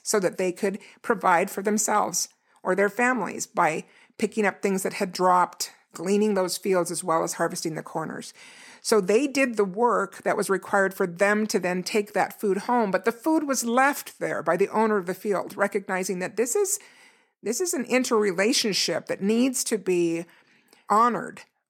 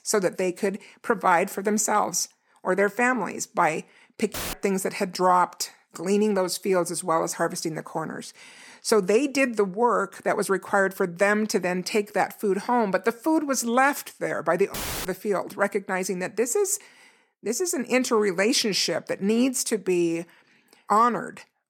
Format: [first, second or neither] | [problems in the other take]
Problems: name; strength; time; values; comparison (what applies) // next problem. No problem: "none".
first | audio cutting out; filled with static; at 4.5 s and at 15 s